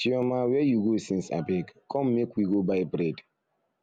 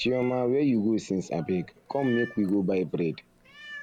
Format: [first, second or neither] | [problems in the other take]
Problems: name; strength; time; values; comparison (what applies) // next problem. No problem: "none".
first | background sound (Meow); 18 dB below the speech